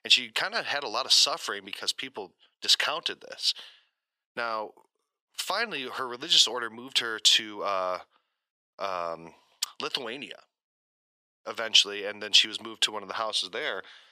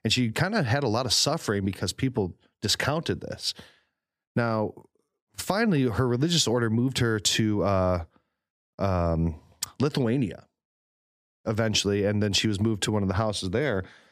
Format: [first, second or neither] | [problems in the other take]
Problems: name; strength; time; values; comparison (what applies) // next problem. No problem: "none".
second | thin; very; fading below 650 Hz